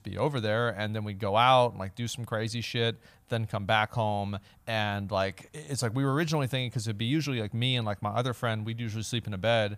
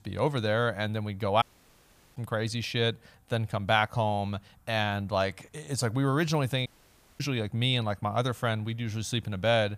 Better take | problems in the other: first | audio cutting out; at 1.5 s for 0.5 s and at 6.5 s for 0.5 s

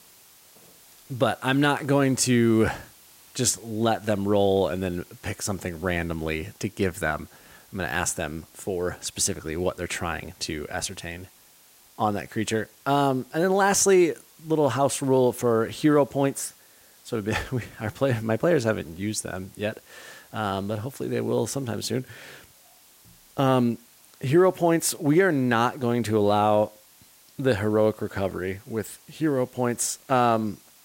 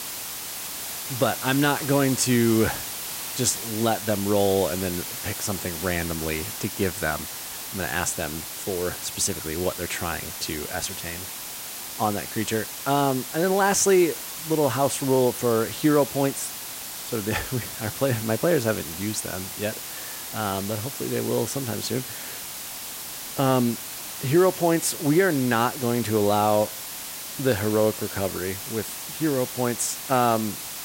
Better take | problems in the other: first | hiss; loud; throughout; 7 dB below the speech; faint in the first

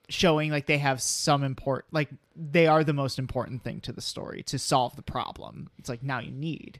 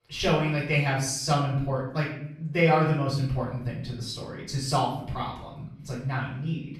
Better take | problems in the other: first | off-mic speech; far // room echo; noticeable; dies away in 0.6 s

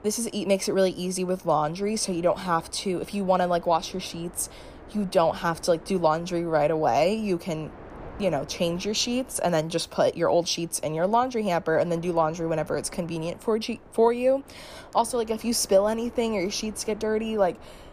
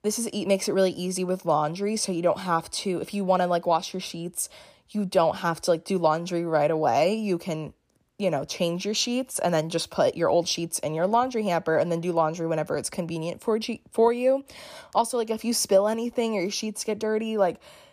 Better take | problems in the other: second | wind noise on the microphone; occasional gusts; 25 dB below the speech

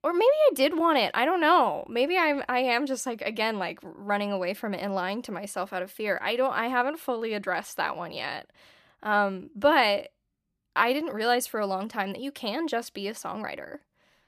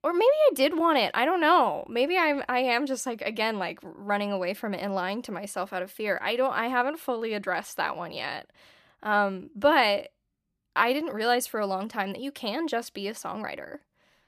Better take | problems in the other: neither | none

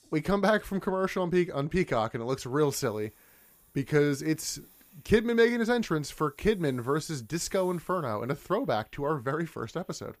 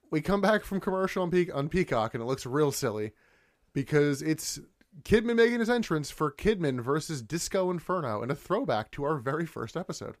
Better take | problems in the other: second | hiss; faint; throughout; 30 dB below the speech

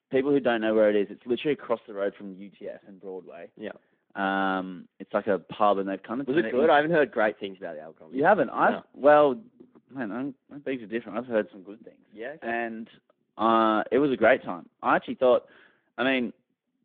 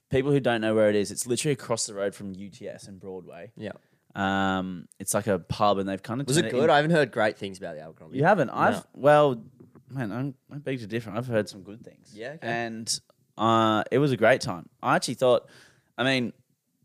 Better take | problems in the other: second | phone-call audio

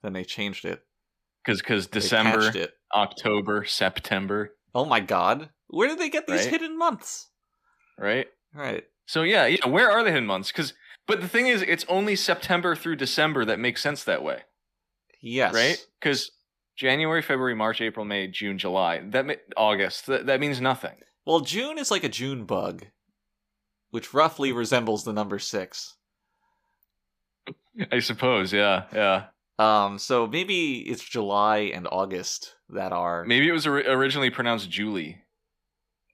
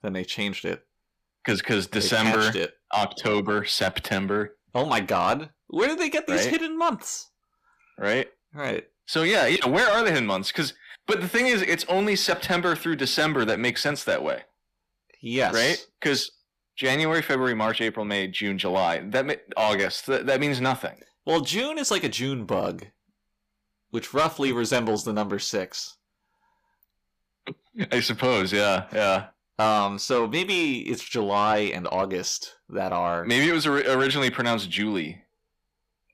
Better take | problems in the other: first | distortion; slight; 10 dB below the speech

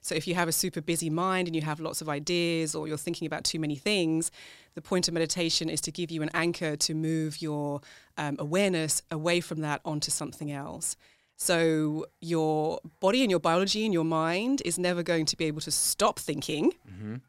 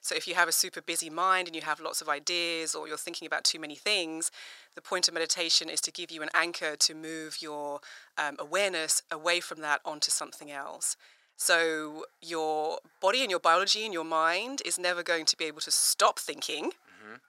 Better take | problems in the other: first | thin; very; fading below 650 Hz

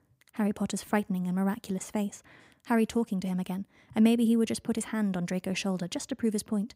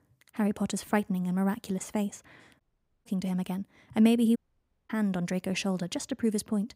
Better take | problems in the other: first | audio cutting out; at 2.5 s and at 4.5 s for 0.5 s

